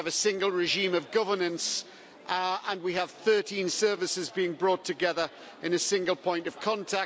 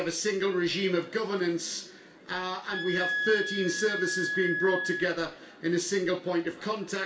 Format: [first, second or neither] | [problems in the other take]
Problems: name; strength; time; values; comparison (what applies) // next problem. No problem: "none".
first | background sound (Wind instrument, woodwind instrument); 3 dB below the speech // room echo; dies away in 0.4 s